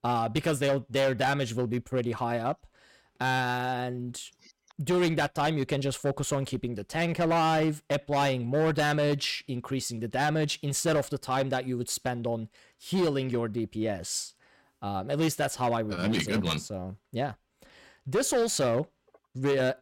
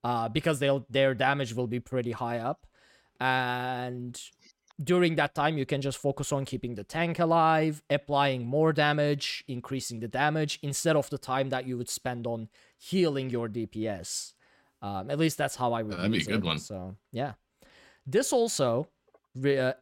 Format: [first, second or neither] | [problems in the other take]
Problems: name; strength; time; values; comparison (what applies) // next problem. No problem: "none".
second | distortion; slight; 8% of the sound clipped